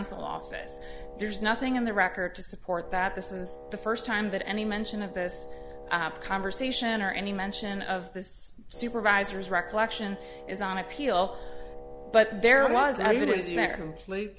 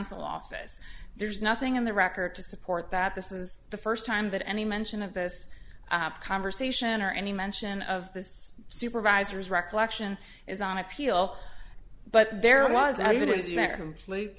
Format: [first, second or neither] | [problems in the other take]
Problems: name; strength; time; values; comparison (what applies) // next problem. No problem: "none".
second | background sound (Wind instrument, woodwind instrument); 16 dB below the speech